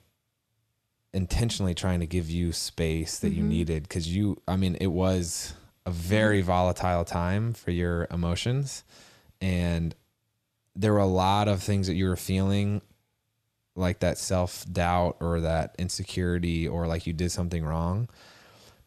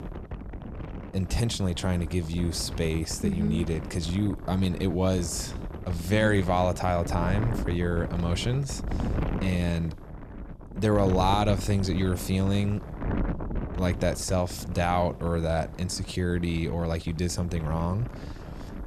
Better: first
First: none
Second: wind noise on the microphone; occasional gusts; 10 dB below the speech

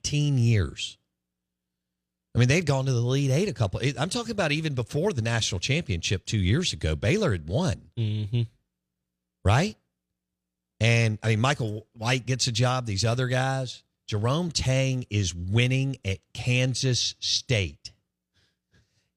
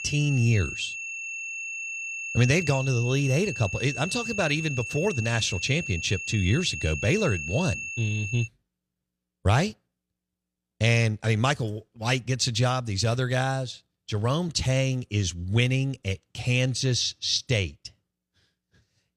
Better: first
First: none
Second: high-pitched whine; loud; until 8.5 s; 2.5 kHz, 6 dB below the speech

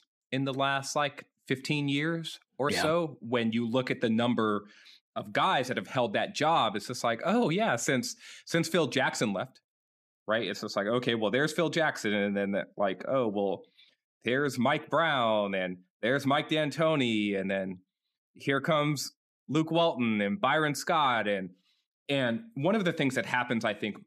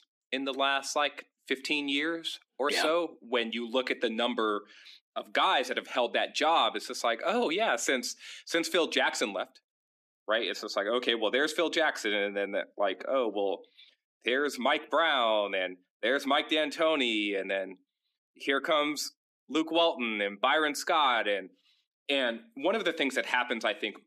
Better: first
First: none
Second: thin; very slightly; fading below 250 Hz

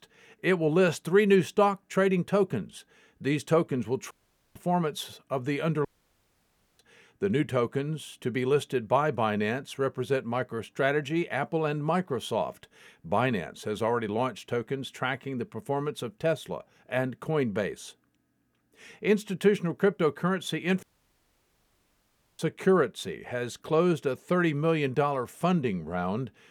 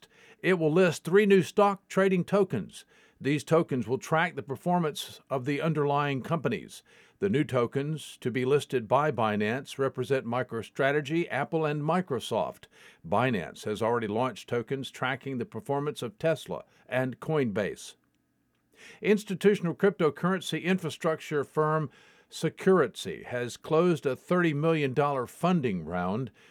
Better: second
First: audio cutting out; at 4 s, at 6 s for 1 s and at 21 s for 1.5 s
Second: none

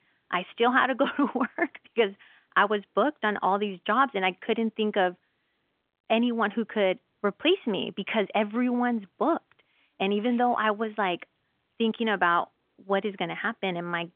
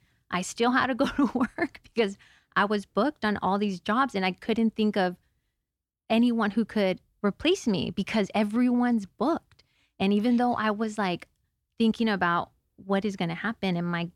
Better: second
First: phone-call audio; nothing above 3.5 kHz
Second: none

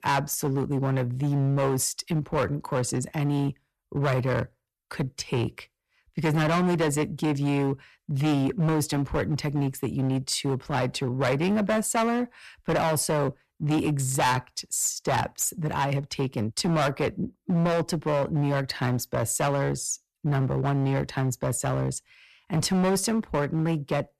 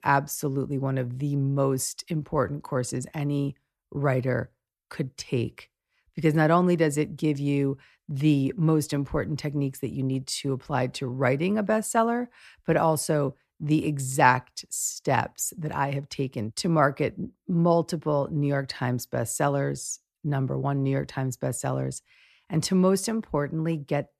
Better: second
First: distortion; heavy; 14% of the sound clipped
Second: none

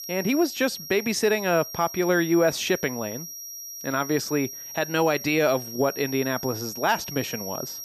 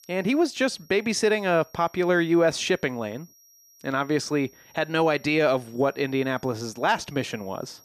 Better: second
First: high-pitched whine; loud; throughout; 5.5 kHz, 10 dB below the speech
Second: high-pitched whine; faint; throughout; 5.5 kHz, 30 dB below the speech

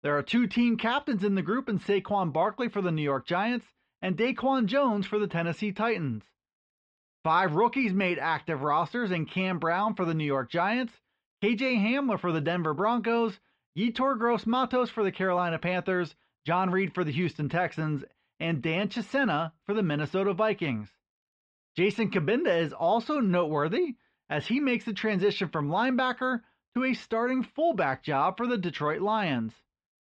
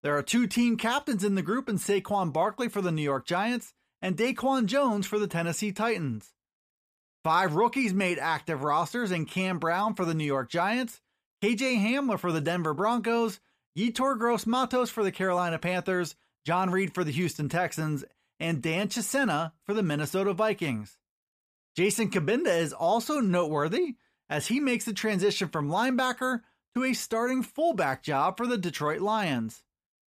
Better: second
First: muffled; slightly; fading above 4 kHz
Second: none

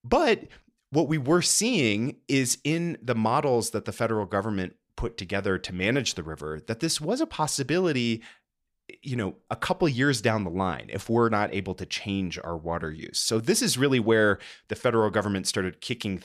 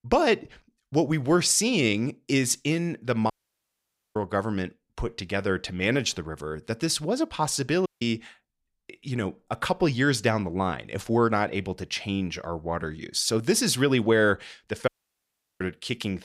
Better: first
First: none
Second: audio cutting out; at 3.5 s for 1 s, at 8 s and at 15 s for 0.5 s

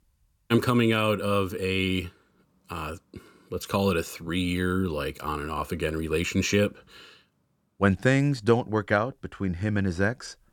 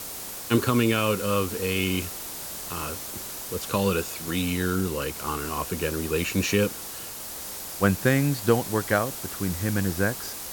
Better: first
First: none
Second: hiss; loud; throughout; 7 dB below the speech

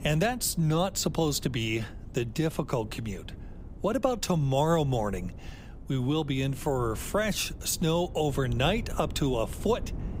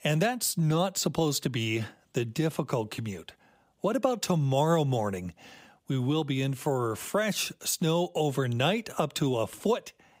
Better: second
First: wind noise on the microphone; occasional gusts; 20 dB below the speech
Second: none

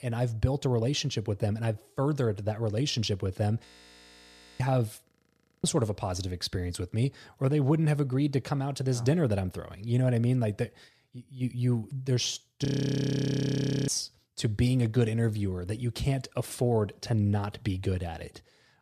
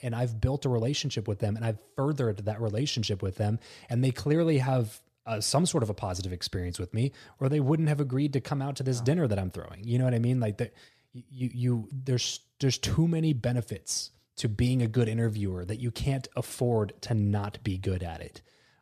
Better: second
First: audio freezing; at 3.5 s for 1 s, at 5 s for 0.5 s and at 13 s for 1 s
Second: none

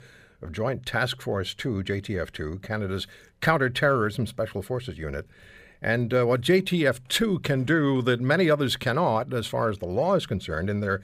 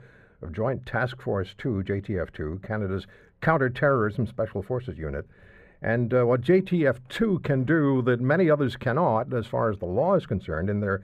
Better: first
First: none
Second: muffled; very; fading above 2.5 kHz

